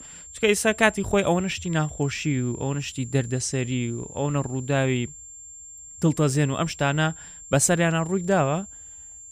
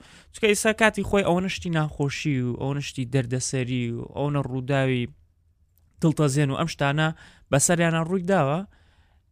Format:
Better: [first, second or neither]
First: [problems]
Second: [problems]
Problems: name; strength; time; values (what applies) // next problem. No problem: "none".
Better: second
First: high-pitched whine; noticeable; throughout; 7.5 kHz, 15 dB below the speech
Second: none